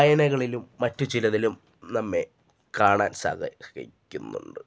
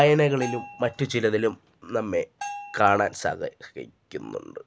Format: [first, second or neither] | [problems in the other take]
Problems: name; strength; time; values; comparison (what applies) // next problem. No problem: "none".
first | background sound (Bell); 16 dB below the speech